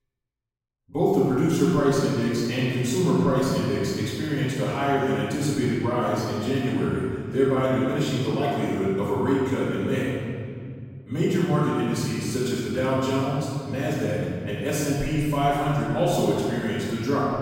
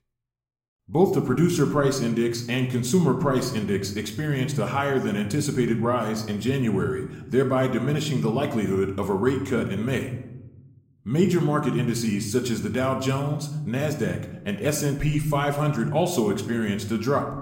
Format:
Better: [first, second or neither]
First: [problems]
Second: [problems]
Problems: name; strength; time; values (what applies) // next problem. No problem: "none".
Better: second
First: room echo; strong; dies away in 2.1 s // off-mic speech; far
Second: room echo; slight; dies away in 0.8 s